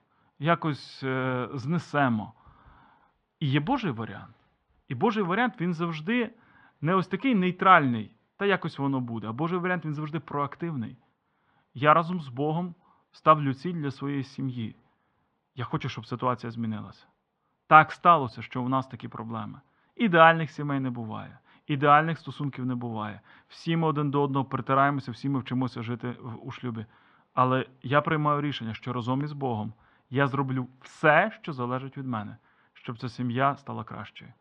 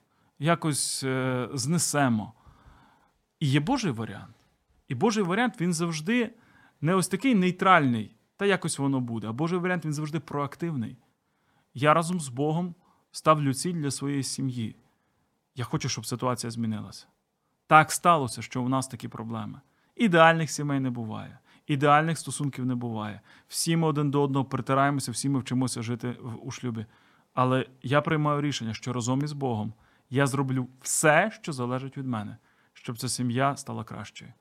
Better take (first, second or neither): second